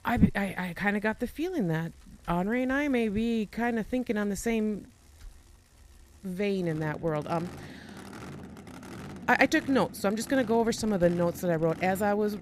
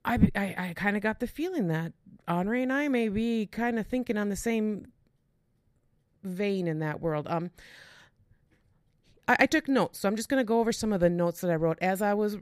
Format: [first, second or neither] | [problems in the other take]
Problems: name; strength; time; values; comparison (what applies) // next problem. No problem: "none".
second | traffic noise; noticeable; throughout; 20 dB below the speech